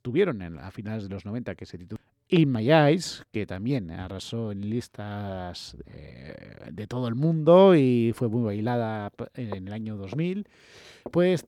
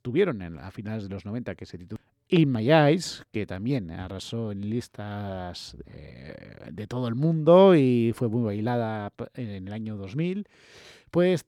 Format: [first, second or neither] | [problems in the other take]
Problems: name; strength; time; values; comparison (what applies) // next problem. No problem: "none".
second | footsteps; faint; from 9.5 s on; peak 20 dB below the speech